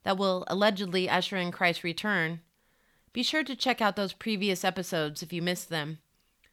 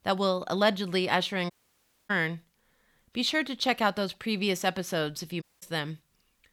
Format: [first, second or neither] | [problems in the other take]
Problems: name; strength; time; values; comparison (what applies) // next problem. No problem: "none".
first | audio cutting out; at 1.5 s for 0.5 s and at 5.5 s